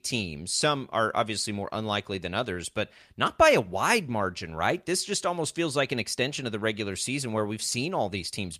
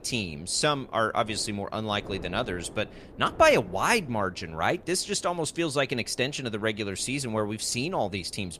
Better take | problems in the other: first | wind noise on the microphone; occasional gusts; 25 dB below the speech

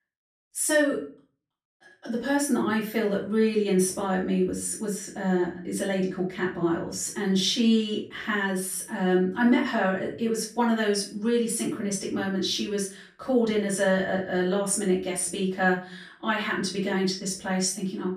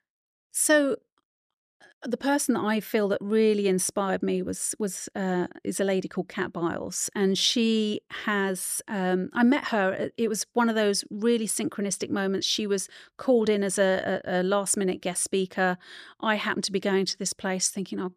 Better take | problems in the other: second | off-mic speech; far // room echo; slight; dies away in 0.4 s

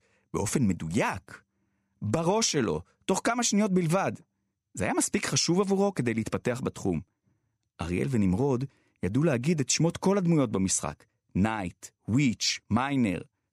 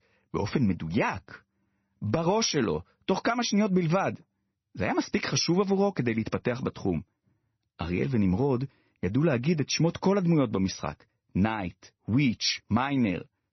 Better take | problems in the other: first | garbled, watery; slightly; nothing above 6 kHz

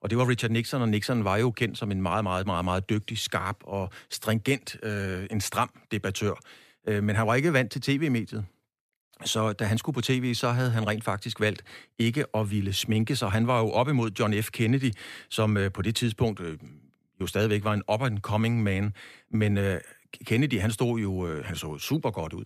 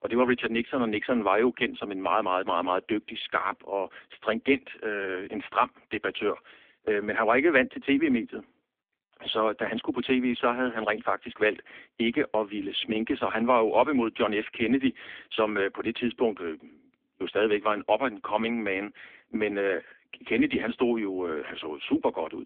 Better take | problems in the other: first | phone-call audio; poor line; nothing above 3.5 kHz

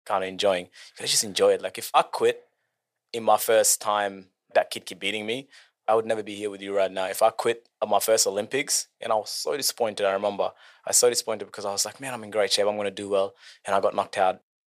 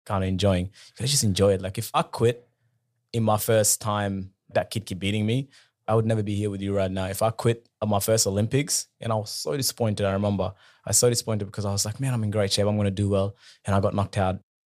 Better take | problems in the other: second | thin; very; fading below 450 Hz

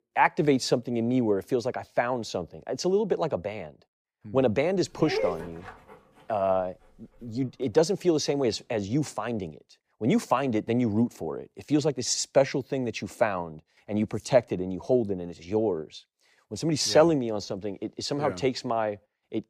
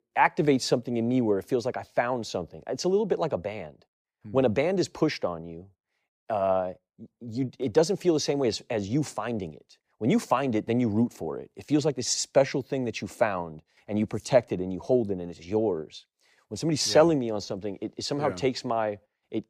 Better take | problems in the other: second | dog barking; noticeable; at 5 s; peak 3 dB below the speech

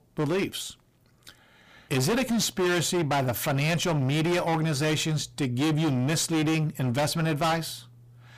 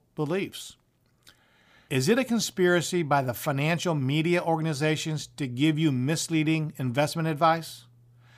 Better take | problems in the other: second | distortion; heavy; 23% of the sound clipped

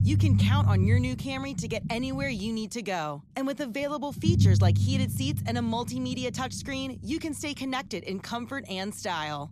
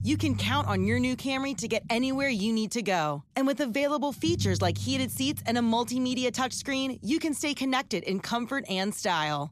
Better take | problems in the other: second | low rumble; loud; throughout; 7 dB below the speech; faint in the second

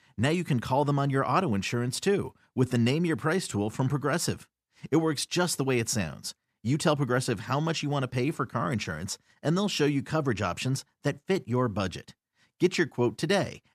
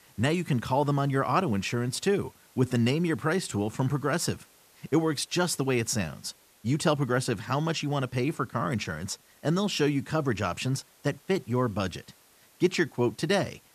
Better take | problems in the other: first | hiss; faint; throughout; 30 dB below the speech

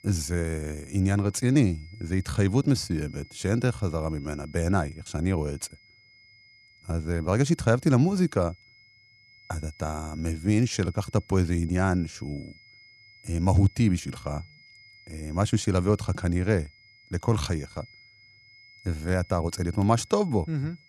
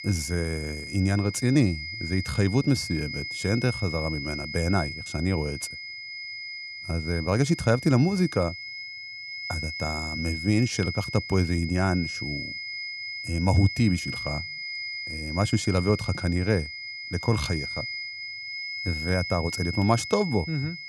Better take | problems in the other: first | high-pitched whine; loud; throughout; 2 kHz, 7 dB below the speech; faint in the first

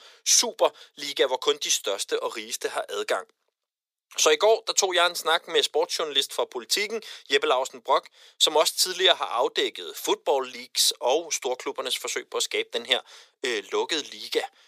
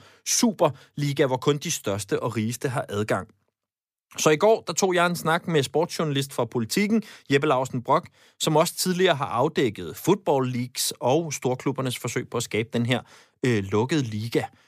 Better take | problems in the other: second | thin; very; fading below 450 Hz

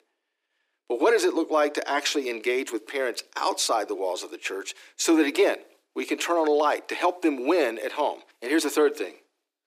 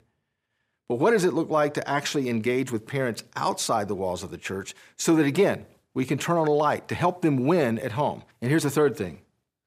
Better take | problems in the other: second | thin; somewhat; fading below 300 Hz

